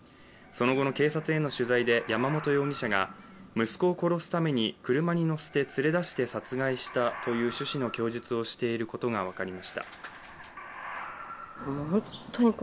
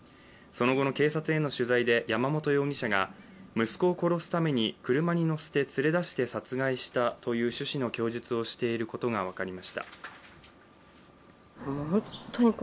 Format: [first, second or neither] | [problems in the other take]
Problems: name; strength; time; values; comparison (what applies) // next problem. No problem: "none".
second | background sound (Animal); 16 dB below the speech